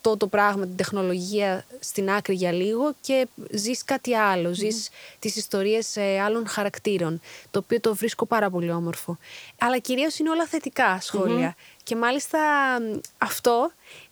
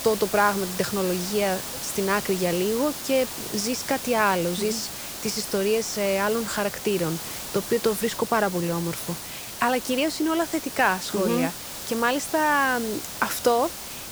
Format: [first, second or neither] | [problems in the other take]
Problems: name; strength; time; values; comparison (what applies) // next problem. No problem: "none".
first | hiss; loud; throughout; 7 dB below the speech; faint in the first